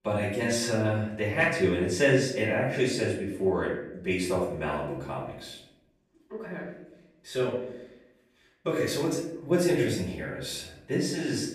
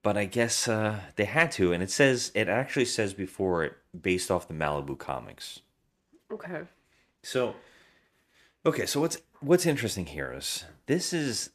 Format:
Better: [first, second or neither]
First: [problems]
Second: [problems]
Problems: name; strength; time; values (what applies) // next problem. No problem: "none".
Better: second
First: off-mic speech; far // room echo; noticeable; dies away in 0.7 s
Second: none